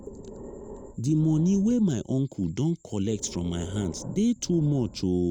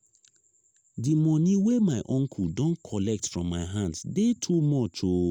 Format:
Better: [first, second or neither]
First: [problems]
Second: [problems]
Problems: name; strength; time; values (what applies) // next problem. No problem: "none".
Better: second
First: background sound (Breathing); 17 dB below the speech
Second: none